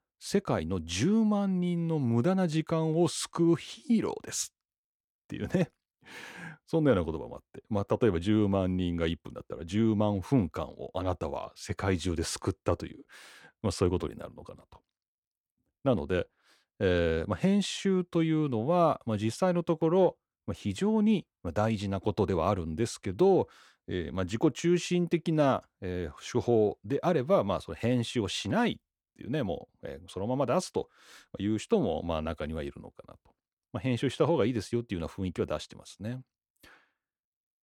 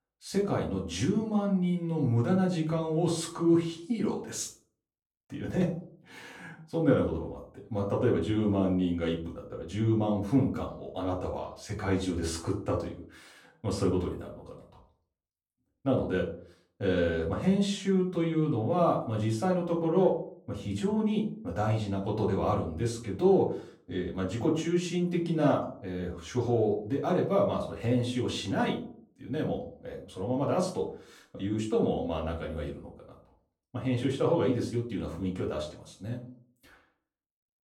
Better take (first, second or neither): first